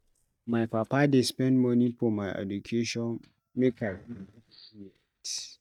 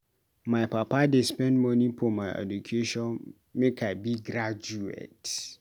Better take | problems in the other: second | noise reduction (neural mask model DeepFilterNet 3)

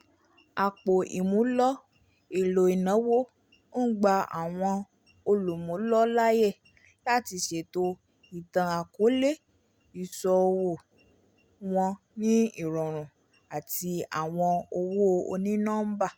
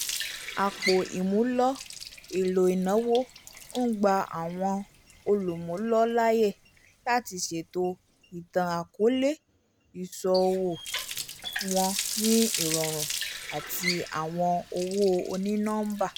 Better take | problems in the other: first | background sound (Water tap, faucet); 10 dB below the speech

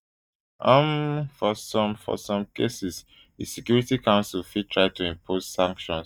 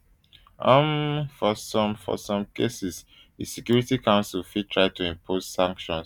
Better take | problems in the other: second | noise reduction (neural mask model DeepFilterNet 3)

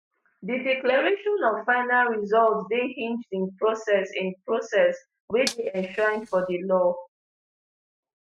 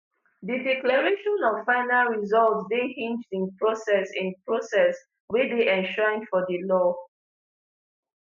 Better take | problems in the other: second | noise reduction (neural mask model RNNoise)

